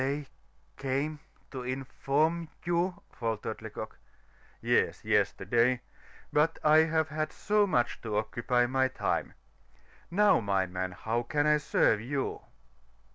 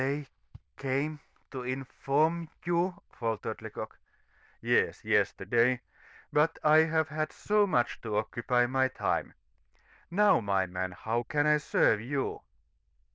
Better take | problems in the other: first | noise reduction (neural diffusion model UNIVERSE++)

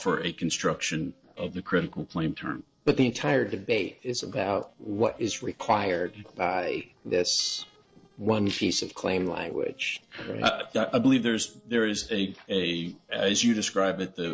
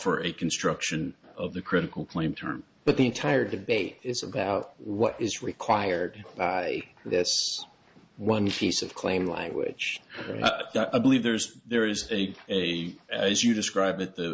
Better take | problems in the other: second | noise reduction (neural separator model SepFormer DNS4)

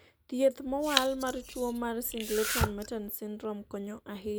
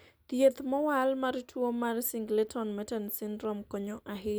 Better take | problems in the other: second | background sound (Domestic sounds, home sounds); 2 dB below the speech

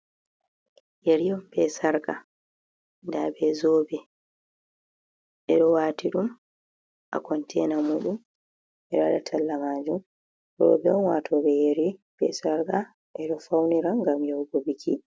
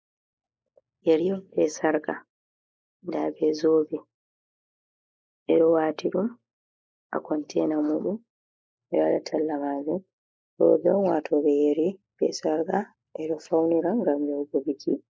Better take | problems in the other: first | noise reduction (neural mask model Resemble Enhance denoiser)

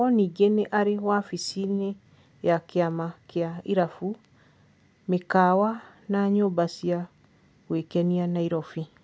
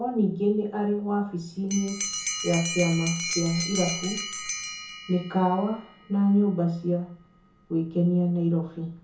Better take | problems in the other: first | background sound (Bell); 10 dB below the speech // room echo; dies away in 0.6 s

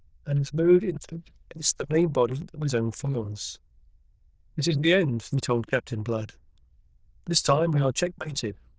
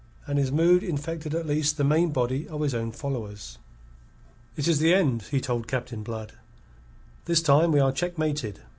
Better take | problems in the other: second | noise reduction (neural diffusion model UNIVERSE++)

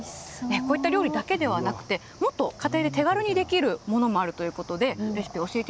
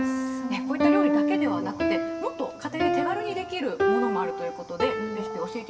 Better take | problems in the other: first | background sound (Piano); 4 dB above the speech // room echo; dies away in 0.8 s

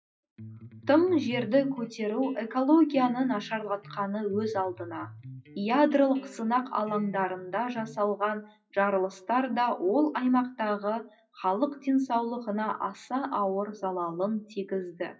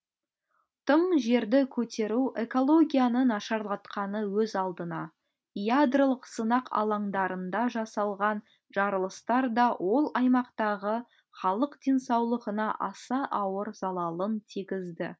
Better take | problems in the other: second | noise reduction (classical method WPE with log-MMSE)

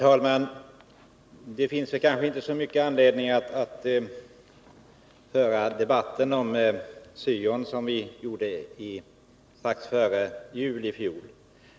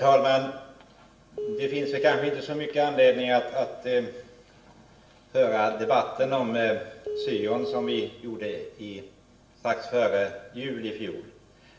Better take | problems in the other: first | background sound (Telephone); 4 dB below the speech // room echo; dies away in 0.6 s

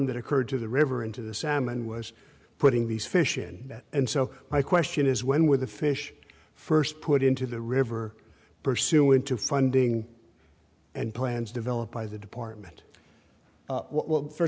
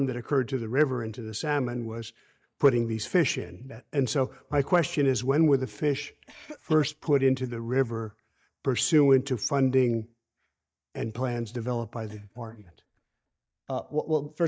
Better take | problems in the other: first | noise reduction (neural mask model DeepFilterNet 3)

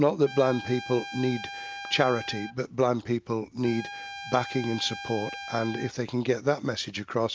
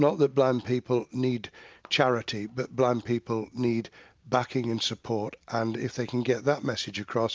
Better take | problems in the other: second | background sound (Trumpet); 12 dB below the speech

